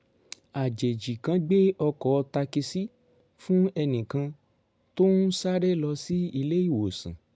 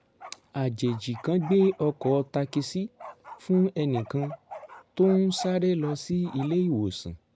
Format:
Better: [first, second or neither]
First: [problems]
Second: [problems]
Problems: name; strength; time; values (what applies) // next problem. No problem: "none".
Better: first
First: none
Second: background sound (Bark); 18 dB below the speech